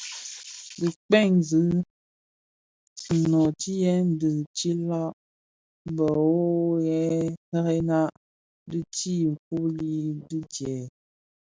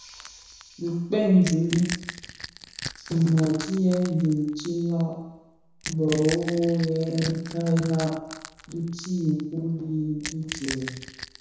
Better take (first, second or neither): first